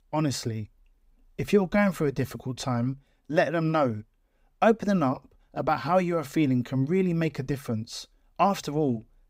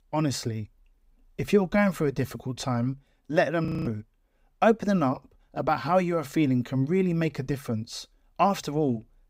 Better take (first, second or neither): first